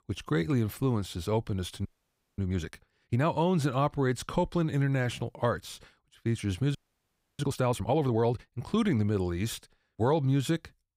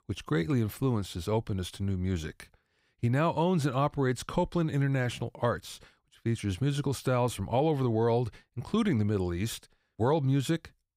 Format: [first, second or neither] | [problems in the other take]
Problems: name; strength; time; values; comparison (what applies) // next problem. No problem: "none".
second | audio freezing; at 2 s for 0.5 s and at 7 s for 0.5 s